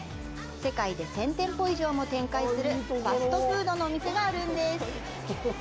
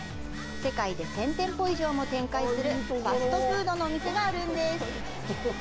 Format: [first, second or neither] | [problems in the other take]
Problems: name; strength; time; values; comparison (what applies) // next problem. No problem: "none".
first | background sound (Telephone); 10 dB below the speech